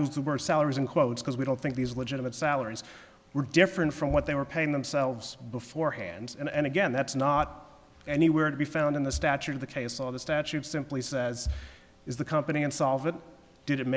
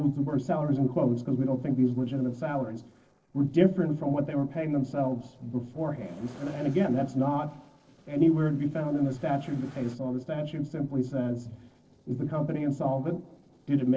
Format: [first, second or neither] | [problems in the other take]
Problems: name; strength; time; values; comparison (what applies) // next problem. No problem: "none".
first | noise reduction (neural separator model SepFormer DNS4)